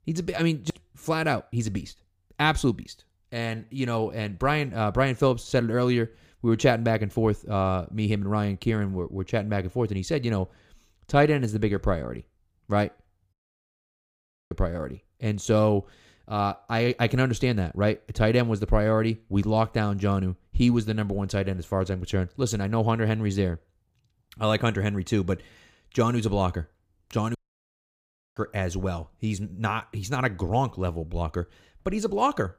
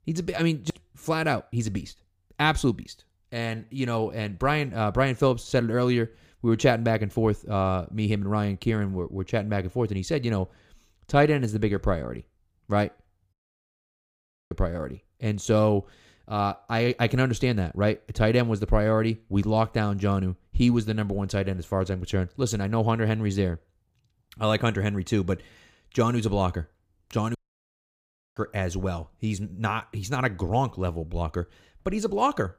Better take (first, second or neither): neither